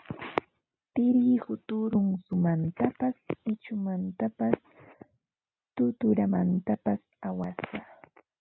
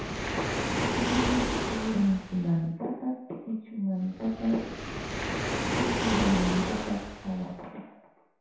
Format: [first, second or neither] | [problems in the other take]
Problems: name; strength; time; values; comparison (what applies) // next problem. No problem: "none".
first | background sound (Waves, surf); 1 dB below the speech // room echo; dies away in 0.7 s